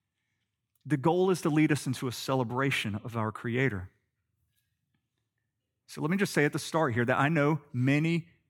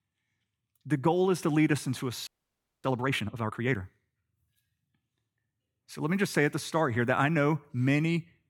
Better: first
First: none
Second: audio freezing; at 2.5 s for 0.5 s

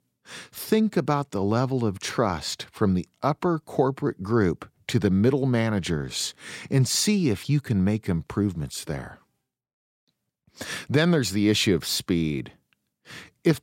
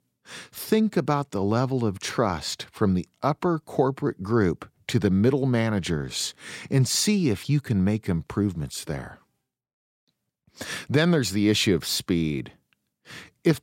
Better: neither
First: none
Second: none

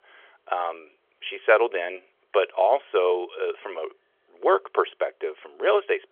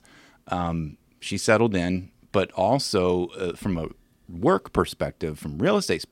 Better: second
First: phone-call audio; nothing above 3.5 kHz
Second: none

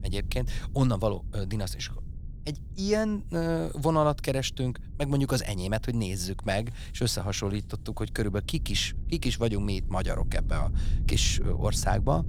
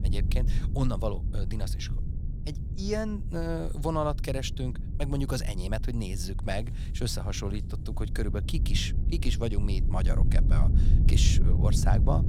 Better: first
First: low rumble; faint; throughout; 20 dB below the speech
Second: low rumble; loud; throughout; 9 dB below the speech

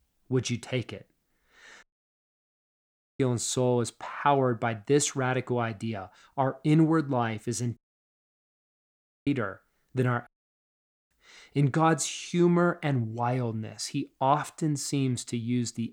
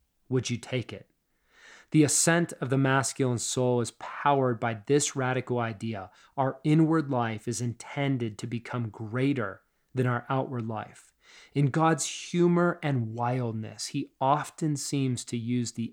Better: second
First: audio cutting out; at 2 s for 1.5 s, at 8 s for 1.5 s and at 10 s for 1 s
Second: none

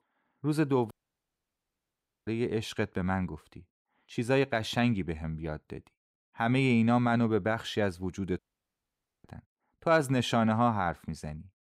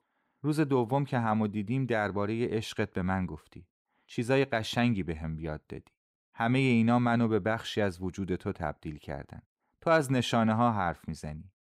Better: second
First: audio cutting out; at 1 s for 1.5 s and at 8.5 s for 1 s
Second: none

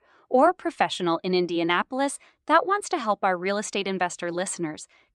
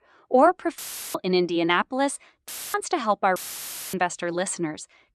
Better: first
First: none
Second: audio cutting out; filled with static; at 1 s, at 2.5 s and at 3.5 s for 0.5 s

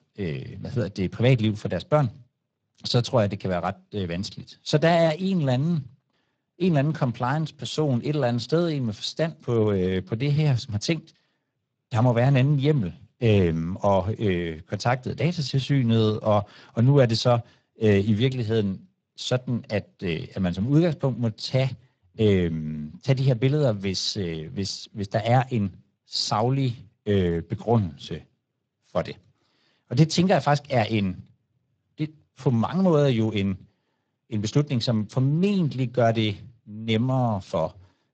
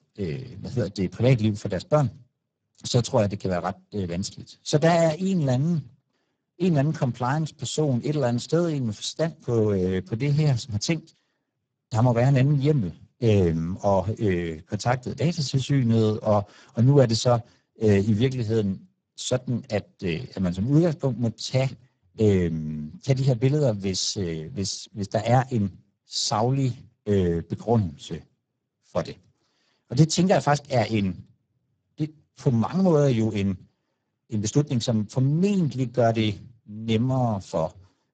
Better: first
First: garbled, watery; slightly; nothing above 7.5 kHz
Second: garbled, watery; badly; nothing above 7.5 kHz

